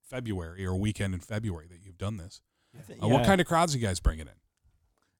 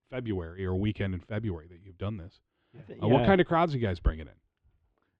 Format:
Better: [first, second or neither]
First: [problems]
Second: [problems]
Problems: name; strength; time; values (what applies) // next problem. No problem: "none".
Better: first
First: none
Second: muffled; very; fading above 3 kHz